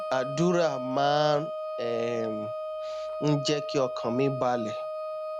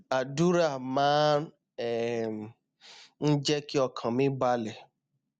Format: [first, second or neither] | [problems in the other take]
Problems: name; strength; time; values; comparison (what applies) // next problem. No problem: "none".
second | background sound (Wind instrument, woodwind instrument); 5 dB below the speech